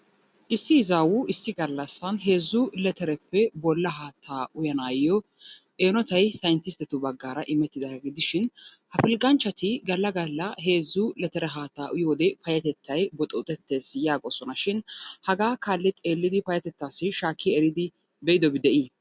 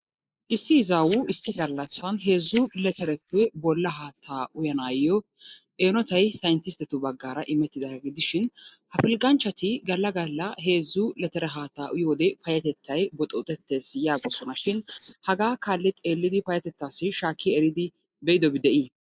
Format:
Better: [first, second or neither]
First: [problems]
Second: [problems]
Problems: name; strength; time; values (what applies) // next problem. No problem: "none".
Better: first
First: none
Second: noise reduction (neural mask model Resemble Enhance denoiser)